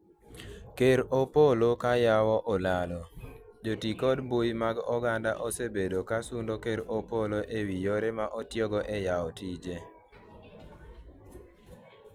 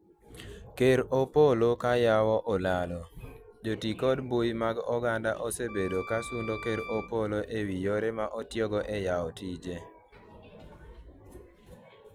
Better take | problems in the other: first | background sound (Wind instrument, woodwind instrument); 14 dB below the speech

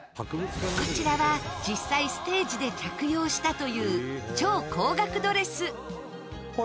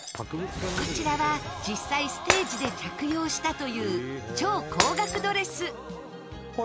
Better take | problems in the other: first | background sound (Shatter); 7 dB below the speech

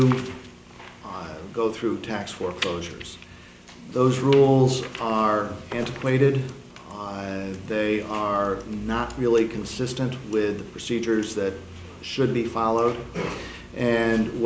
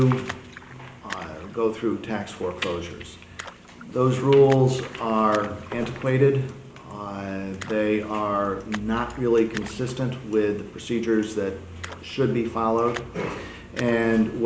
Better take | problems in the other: first | background sound (Splash, splatter); 20 dB below the speech // room echo; dies away in 2.5 s

